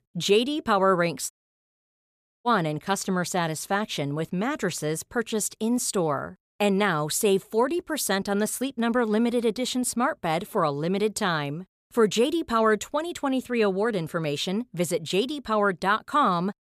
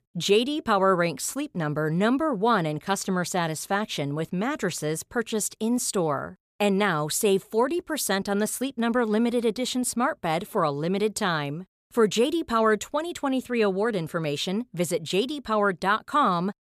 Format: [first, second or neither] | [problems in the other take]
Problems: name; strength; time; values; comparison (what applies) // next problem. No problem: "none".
second | audio cutting out; at 1.5 s for 1 s